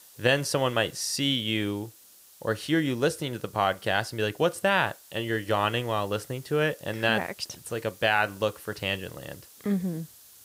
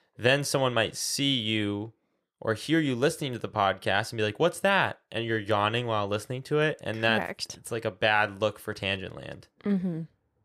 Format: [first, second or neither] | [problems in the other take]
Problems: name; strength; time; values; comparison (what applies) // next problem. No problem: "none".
second | hiss; faint; throughout; 20 dB below the speech